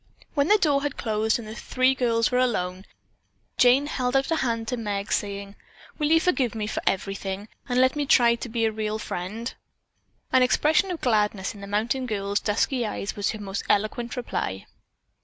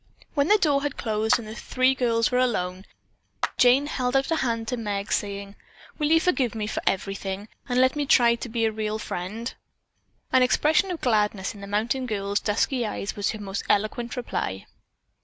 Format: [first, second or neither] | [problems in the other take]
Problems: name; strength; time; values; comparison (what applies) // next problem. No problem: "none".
first | background sound (Clapping); 11 dB below the speech